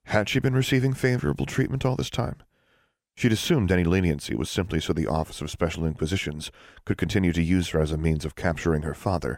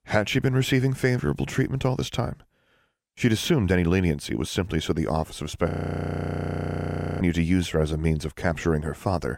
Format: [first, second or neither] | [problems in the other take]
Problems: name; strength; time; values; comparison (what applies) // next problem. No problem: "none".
first | audio freezing; at 5.5 s for 1.5 s